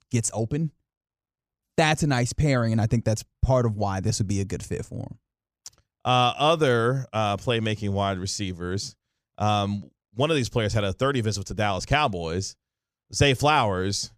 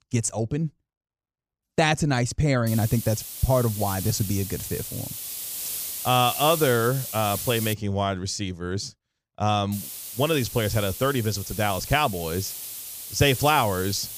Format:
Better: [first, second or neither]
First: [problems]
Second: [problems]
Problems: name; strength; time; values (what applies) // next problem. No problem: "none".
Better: first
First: none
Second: hiss; loud; from 2.5 to 7.5 s and from 9.5 s on; 8 dB below the speech